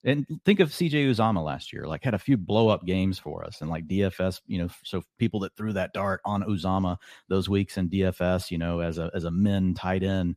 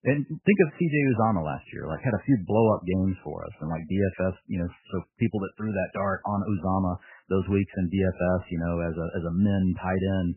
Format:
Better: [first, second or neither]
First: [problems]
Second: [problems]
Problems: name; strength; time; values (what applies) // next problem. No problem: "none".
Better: first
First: none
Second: garbled, watery; badly; nothing above 3 kHz